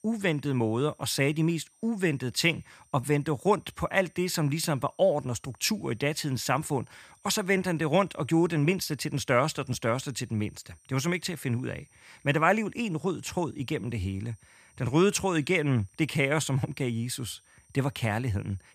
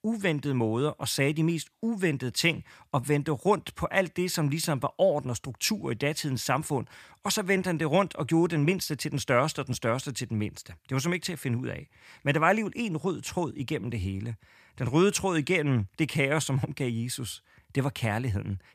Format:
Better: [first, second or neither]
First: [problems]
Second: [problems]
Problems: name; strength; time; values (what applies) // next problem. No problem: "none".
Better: second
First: high-pitched whine; faint; throughout; 8.5 kHz, 30 dB below the speech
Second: none